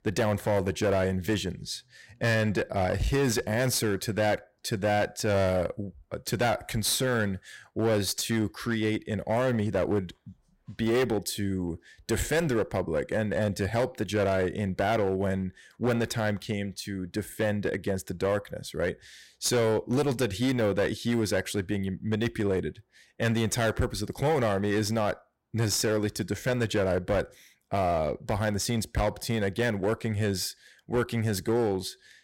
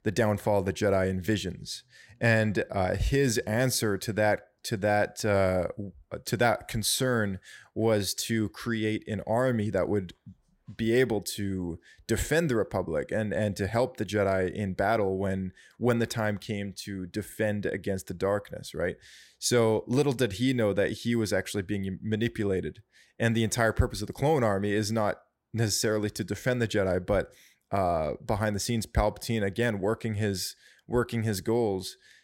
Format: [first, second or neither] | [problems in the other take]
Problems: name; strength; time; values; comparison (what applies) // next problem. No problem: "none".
second | distortion; slight; 12% of the sound clipped